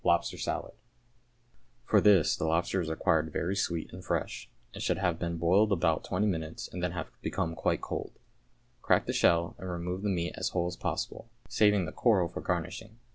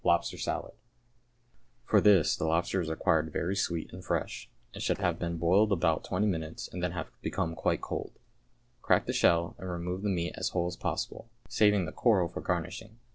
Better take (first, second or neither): first